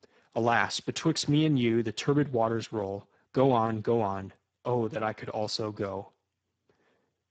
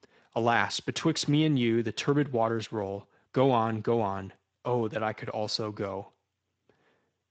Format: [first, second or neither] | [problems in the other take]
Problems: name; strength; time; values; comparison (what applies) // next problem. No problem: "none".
second | garbled, watery; badly; nothing above 8 kHz; slightly in the second